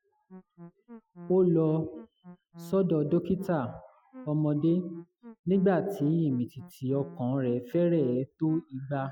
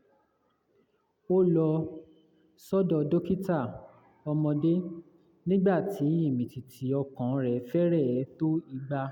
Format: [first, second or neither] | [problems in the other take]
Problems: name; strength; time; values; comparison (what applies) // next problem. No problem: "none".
second | noise reduction (classical method Wiener filter)